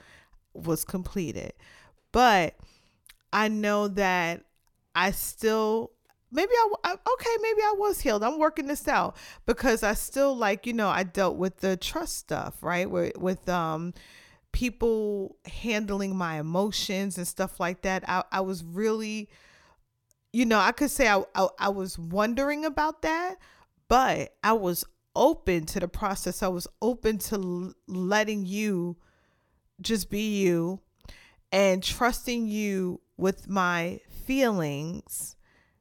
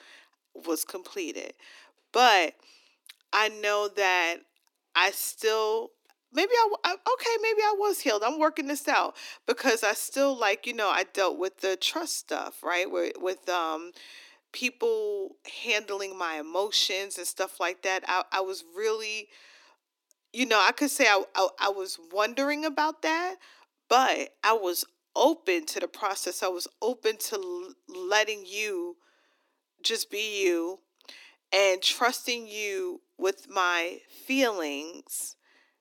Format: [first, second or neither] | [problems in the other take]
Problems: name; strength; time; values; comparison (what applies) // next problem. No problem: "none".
first | thin; somewhat; fading below 250 Hz